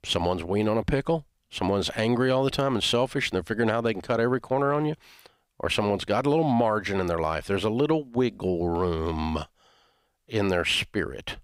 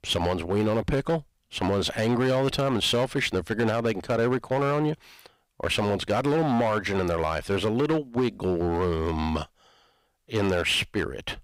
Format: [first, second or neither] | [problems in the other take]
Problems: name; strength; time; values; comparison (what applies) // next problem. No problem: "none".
first | distortion; slight; 8% of the sound clipped